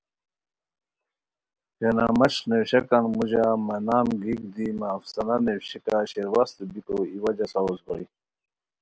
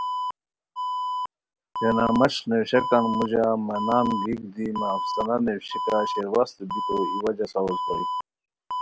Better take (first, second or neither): first